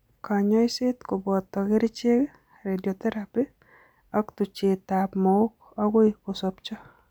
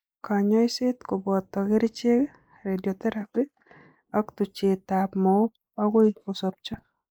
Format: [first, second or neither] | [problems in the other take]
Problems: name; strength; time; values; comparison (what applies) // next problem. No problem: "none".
first | noise reduction (neural mask model Resemble Enhance denoiser)